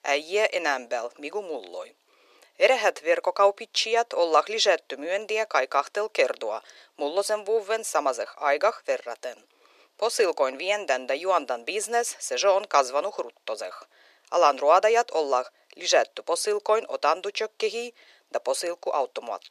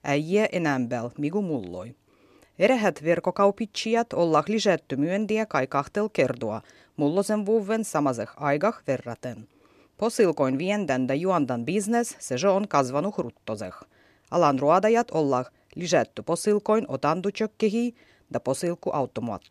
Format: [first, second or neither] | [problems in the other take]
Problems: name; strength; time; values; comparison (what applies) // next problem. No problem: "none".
second | thin; very; fading below 450 Hz